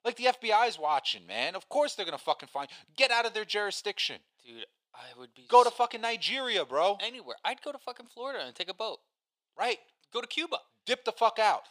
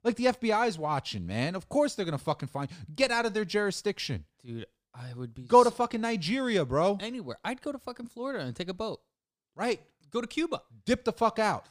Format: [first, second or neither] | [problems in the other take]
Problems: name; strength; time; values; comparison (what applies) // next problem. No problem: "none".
second | thin; very; fading below 550 Hz